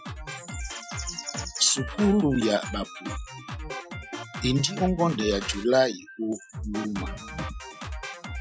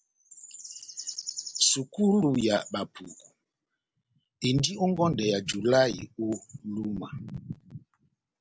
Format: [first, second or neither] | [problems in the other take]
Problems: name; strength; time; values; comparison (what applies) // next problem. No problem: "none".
second | noise reduction (classical method Wiener filter)